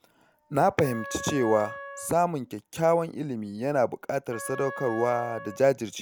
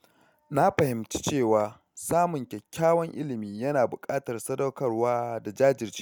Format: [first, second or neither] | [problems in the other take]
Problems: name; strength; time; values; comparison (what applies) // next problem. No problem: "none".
second | background sound (Wind instrument, woodwind instrument); 14 dB below the speech